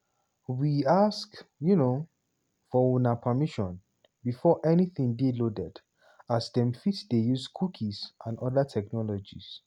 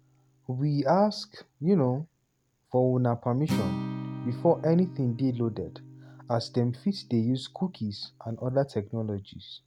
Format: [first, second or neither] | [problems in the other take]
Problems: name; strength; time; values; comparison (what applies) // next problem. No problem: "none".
first | background sound (Acoustic guitar); 12 dB below the speech